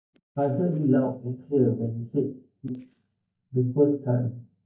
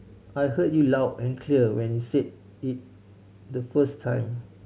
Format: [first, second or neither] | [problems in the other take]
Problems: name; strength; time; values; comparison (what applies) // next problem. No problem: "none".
second | noise reduction (neural mask model DeepFilterNet 3)